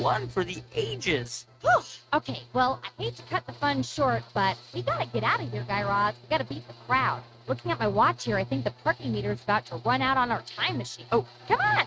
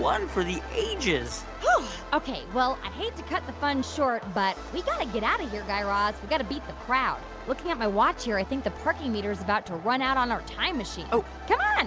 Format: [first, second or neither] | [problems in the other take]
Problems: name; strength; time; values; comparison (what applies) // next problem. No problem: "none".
second | noise reduction (neural mask model RNNoise)